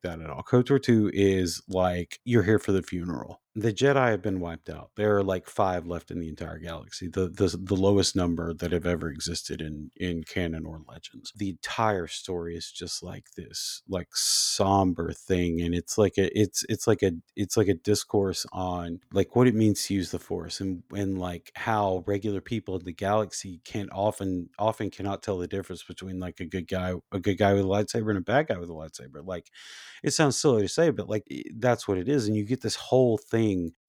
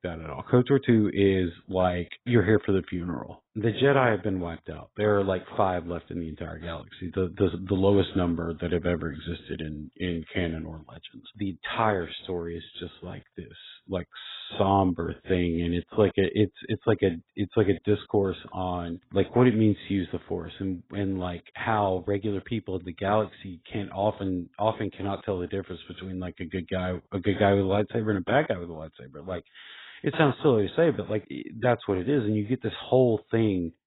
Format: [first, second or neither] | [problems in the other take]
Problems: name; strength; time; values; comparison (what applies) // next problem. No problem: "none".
first | garbled, watery; badly; nothing above 4 kHz